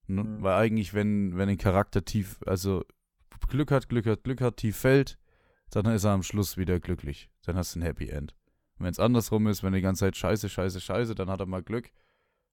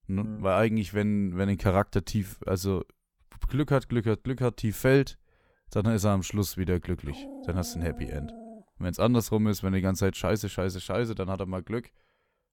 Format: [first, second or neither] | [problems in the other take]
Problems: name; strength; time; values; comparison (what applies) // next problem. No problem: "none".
first | dog barking; faint; from 7 to 8.5 s; peak 15 dB below the speech